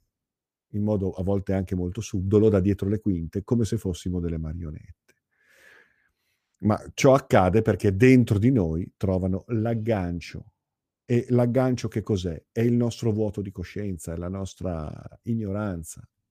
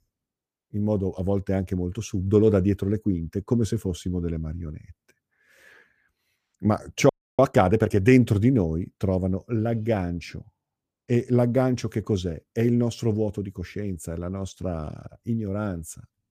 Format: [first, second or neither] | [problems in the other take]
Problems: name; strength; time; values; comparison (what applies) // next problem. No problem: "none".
first | audio freezing; at 7 s